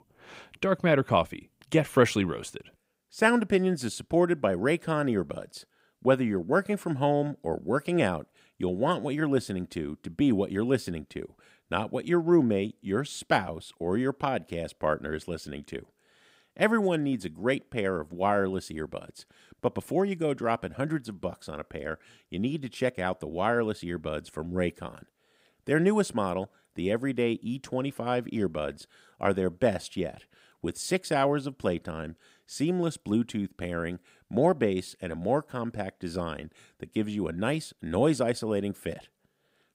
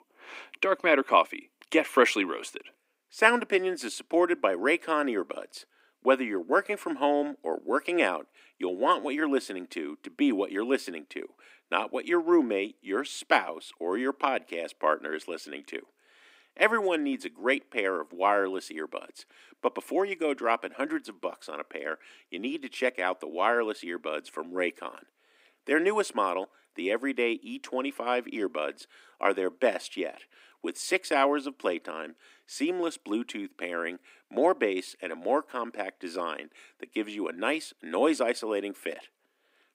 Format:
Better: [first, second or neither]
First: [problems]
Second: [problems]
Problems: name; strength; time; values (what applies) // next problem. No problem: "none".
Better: first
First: none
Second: thin; very slightly; fading below 250 Hz